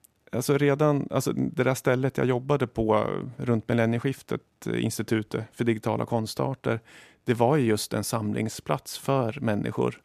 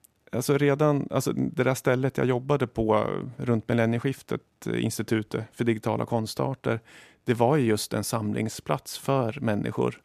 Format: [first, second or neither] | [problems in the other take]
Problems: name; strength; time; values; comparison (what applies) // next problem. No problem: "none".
neither | none